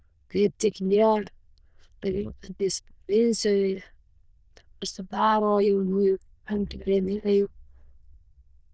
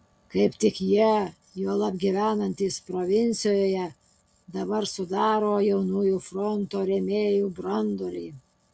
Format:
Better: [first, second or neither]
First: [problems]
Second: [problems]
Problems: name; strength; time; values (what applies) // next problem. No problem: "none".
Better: second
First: noise reduction (neural diffusion model UNIVERSE++)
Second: none